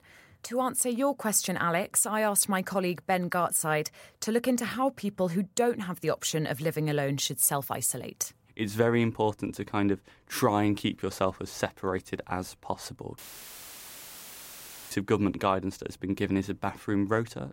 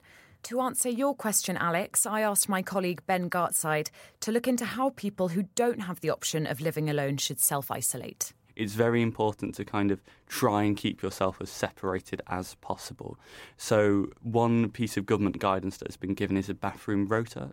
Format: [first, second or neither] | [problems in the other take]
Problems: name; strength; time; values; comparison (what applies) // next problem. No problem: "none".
second | audio cutting out; filled with static; at 13 s for 1.5 s